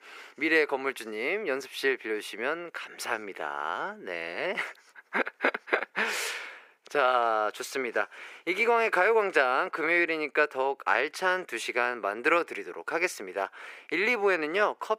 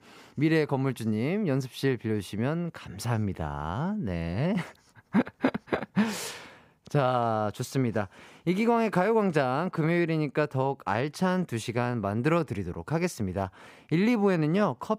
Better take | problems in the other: second | thin; very; fading below 400 Hz

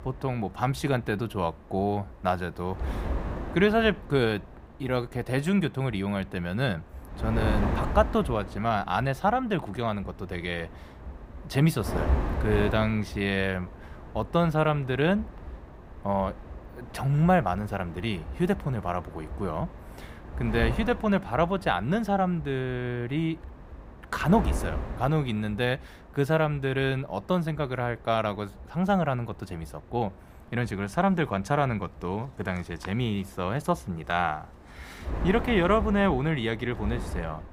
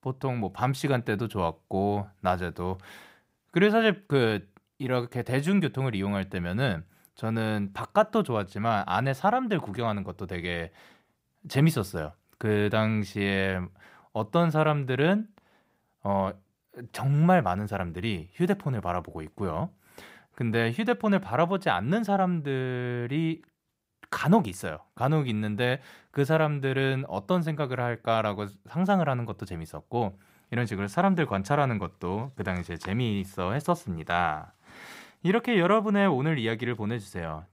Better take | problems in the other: second | wind noise on the microphone; occasional gusts; 15 dB below the speech

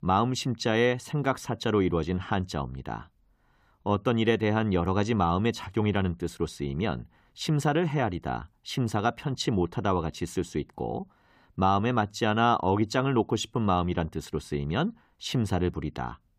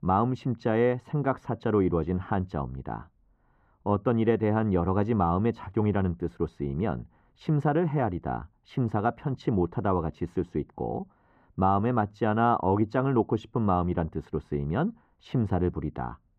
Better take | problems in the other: first | muffled; very; fading above 2.5 kHz

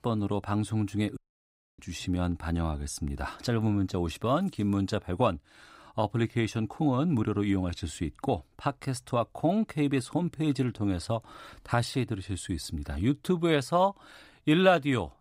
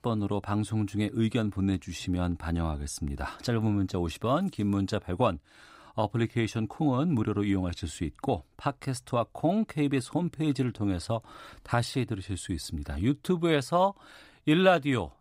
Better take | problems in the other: second | audio cutting out; at 1 s for 0.5 s

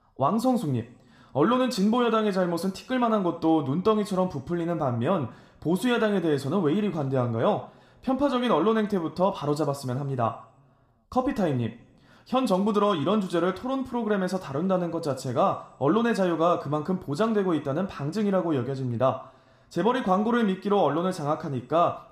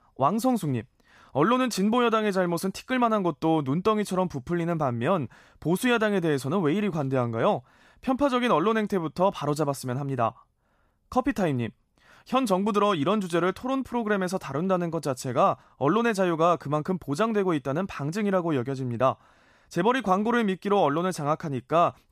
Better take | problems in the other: second | room echo; very slight; dies away in 0.6 s

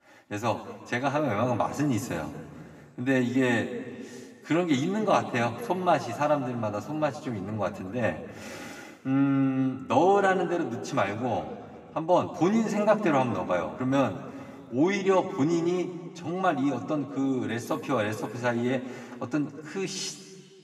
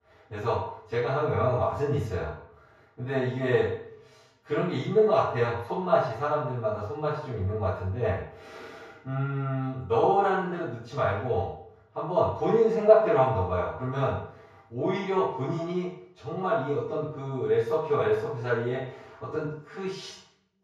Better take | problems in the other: first | room echo; strong; dies away in 0.7 s; slight in the first // off-mic speech; far; somewhat distant in the first

